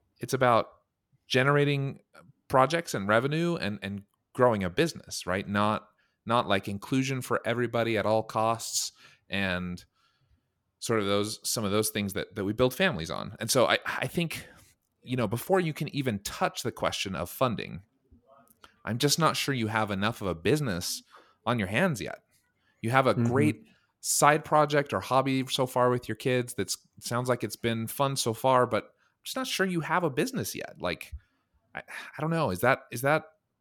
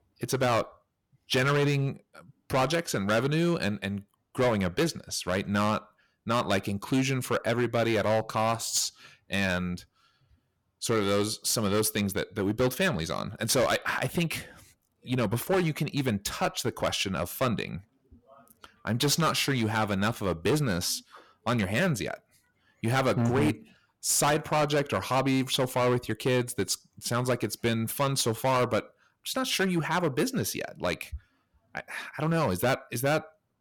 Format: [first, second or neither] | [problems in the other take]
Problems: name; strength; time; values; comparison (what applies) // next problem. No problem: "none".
first | distortion; heavy; 8% of the sound clipped